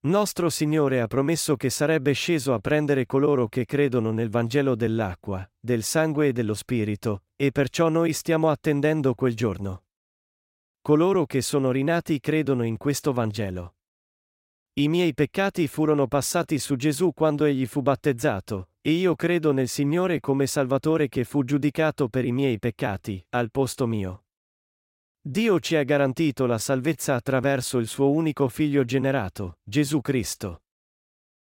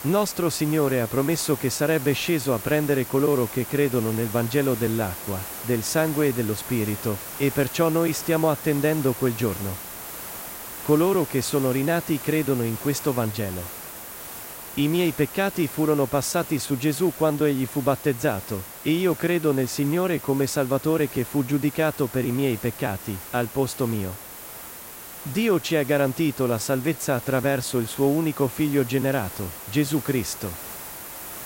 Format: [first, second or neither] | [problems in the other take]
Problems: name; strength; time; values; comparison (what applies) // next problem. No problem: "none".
first | hiss; noticeable; throughout; 10 dB below the speech